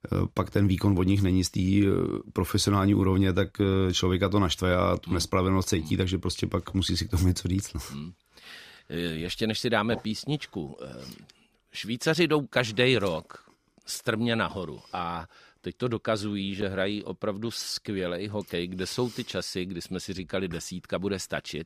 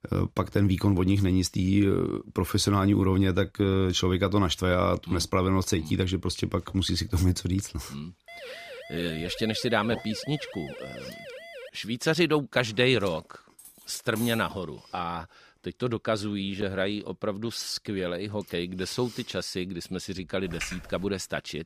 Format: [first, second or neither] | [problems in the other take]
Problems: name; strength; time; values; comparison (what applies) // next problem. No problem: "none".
first | siren; faint; from 8.5 to 12 s; peak 15 dB below the speech // clattering dishes; faint; at 14 s; peak 10 dB below the speech // keyboard typing; noticeable; at 20 s; peak 9 dB below the speech